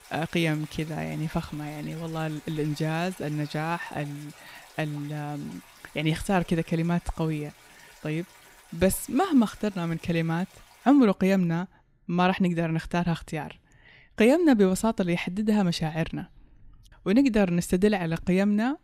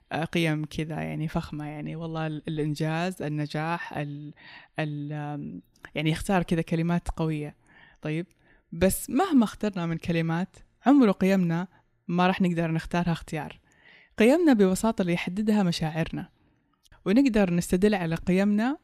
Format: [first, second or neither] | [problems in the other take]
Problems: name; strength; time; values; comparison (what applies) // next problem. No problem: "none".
second | rain or running water; faint; throughout; 25 dB below the speech